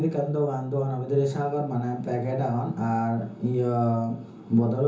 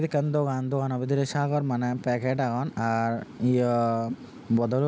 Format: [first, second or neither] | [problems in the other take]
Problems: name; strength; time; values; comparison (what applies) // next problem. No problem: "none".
second | room echo; dies away in 0.6 s